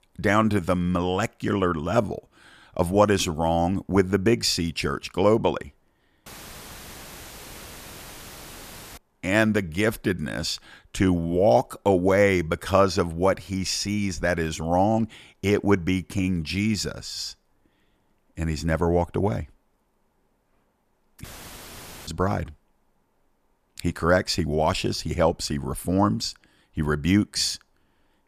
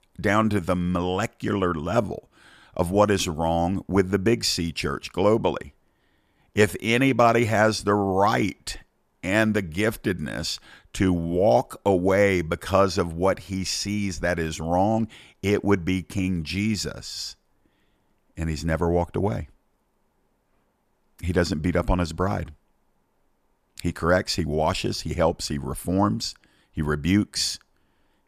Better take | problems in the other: second | audio cutting out; filled with static; at 6.5 s for 2.5 s and at 21 s for 1 s

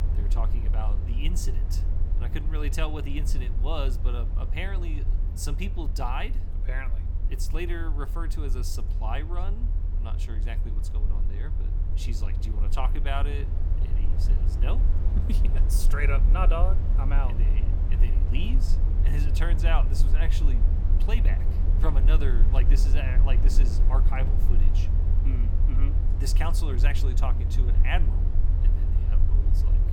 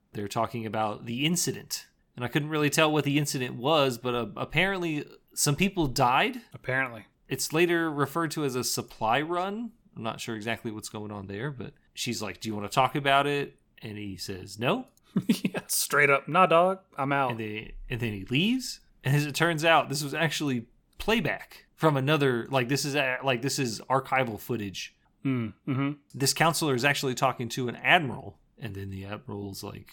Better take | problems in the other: second | low rumble; loud; throughout; 8 dB below the speech

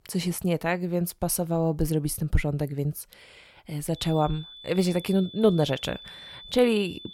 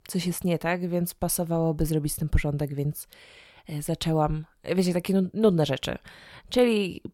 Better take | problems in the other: second | high-pitched whine; noticeable; from 4 s on; 3.5 kHz, 15 dB below the speech

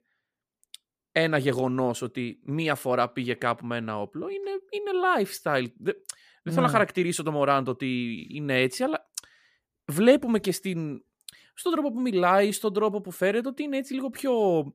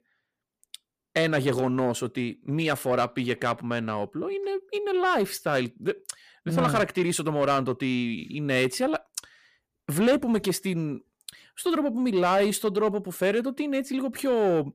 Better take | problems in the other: first | distortion; slight; 10 dB below the speech

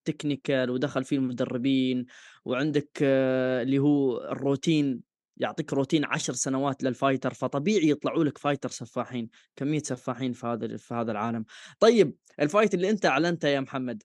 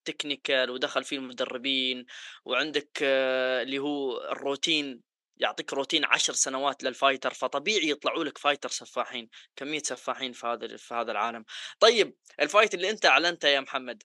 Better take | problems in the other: first | thin; somewhat; fading below 600 Hz

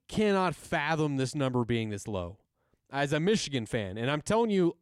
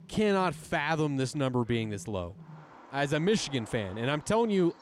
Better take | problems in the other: first | animal sounds; faint; throughout; 20 dB below the speech

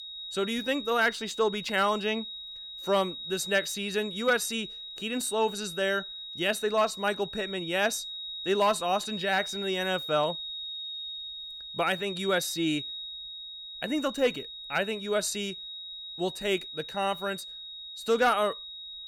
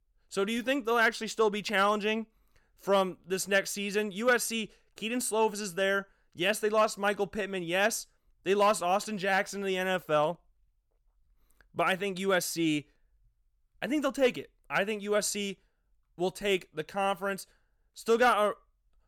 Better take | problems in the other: second | high-pitched whine; loud; throughout; 4 kHz, 8 dB below the speech

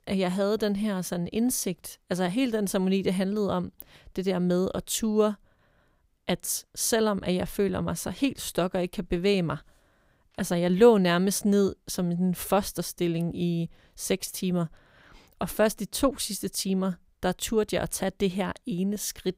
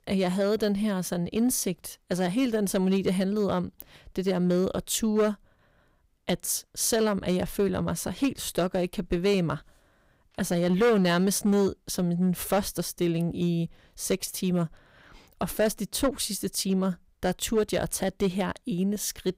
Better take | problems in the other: first | distortion; slight; 3% of the sound clipped

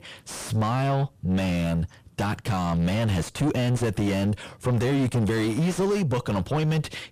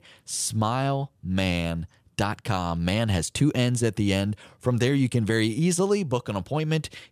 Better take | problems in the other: second | distortion; heavy; 5 dB below the speech

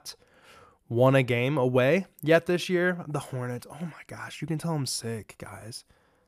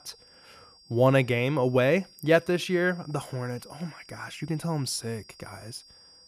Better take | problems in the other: first | high-pitched whine; faint; throughout; 5 kHz, 25 dB below the speech

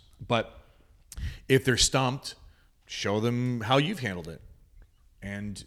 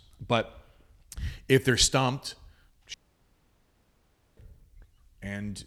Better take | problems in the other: first | audio cutting out; at 3 s for 1.5 s

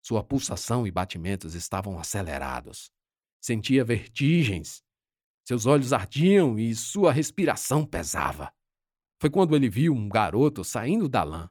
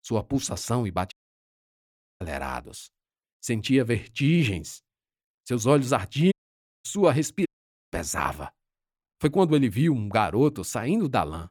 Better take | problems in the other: first | audio cutting out; at 1 s for 1 s, at 6.5 s for 0.5 s and at 7.5 s

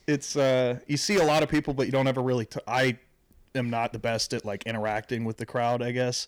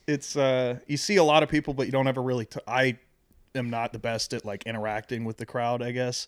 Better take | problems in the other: second | distortion; slight; 5% of the sound clipped

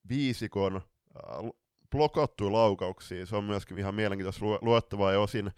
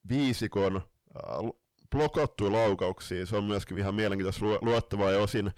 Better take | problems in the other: first | distortion; heavy; 6 dB below the speech

